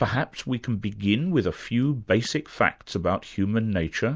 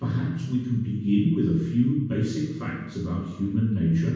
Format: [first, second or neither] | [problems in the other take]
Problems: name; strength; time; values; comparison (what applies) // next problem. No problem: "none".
first | room echo; dies away in 1.2 s